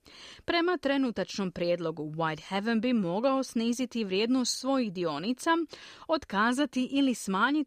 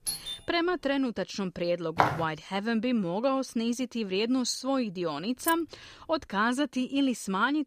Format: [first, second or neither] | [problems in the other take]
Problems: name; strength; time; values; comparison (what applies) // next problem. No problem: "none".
first | doorbell; noticeable; at the start; peak 3 dB below the speech // footsteps; loud; at 2 s; peak 2 dB above the speech // jangling keys; noticeable; at 5.5 s; peak 7 dB below the speech